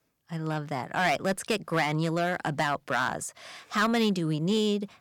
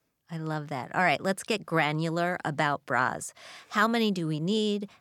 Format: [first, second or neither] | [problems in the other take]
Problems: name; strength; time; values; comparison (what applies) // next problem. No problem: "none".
second | distortion; slight; 4% of the sound clipped